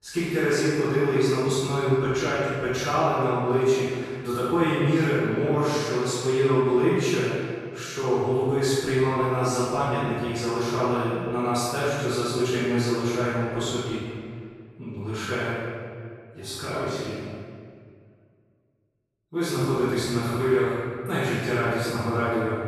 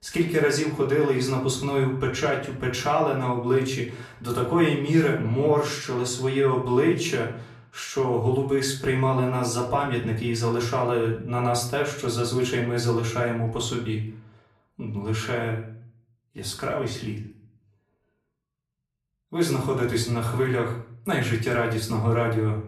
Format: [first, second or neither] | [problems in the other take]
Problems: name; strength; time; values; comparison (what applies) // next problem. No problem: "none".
second | room echo; strong; dies away in 1.8 s; slight in the second // off-mic speech; far; far in the second